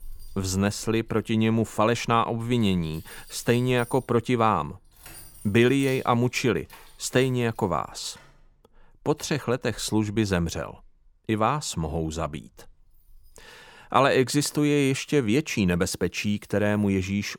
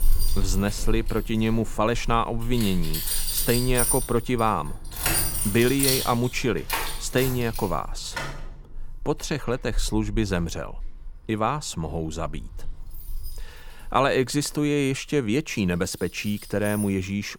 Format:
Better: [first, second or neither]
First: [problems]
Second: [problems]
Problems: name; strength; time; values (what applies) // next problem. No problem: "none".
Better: first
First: household noises; faint; throughout; 25 dB below the speech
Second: household noises; loud; throughout; 3 dB below the speech